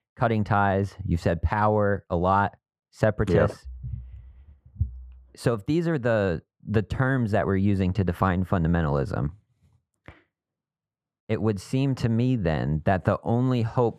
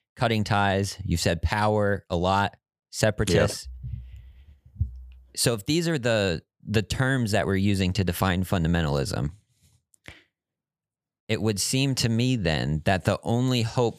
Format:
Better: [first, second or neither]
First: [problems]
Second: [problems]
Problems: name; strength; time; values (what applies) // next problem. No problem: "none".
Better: second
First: muffled; very; fading above 2.5 kHz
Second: none